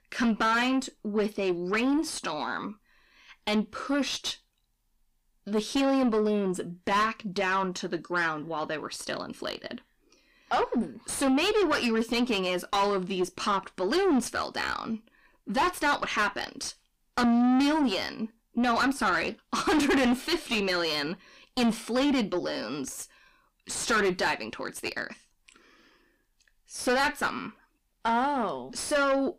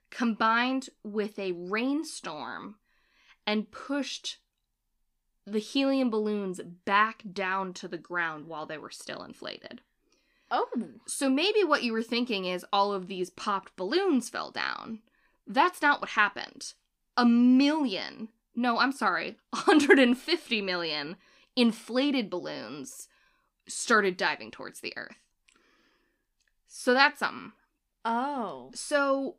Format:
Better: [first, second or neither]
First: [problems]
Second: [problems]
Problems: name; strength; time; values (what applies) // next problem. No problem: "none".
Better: second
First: distortion; heavy; 5 dB below the speech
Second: none